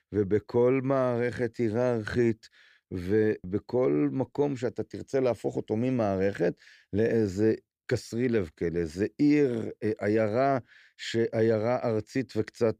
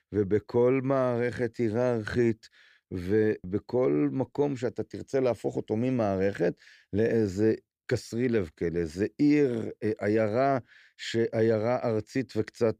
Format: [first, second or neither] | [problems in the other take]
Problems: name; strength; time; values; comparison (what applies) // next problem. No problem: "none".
neither | none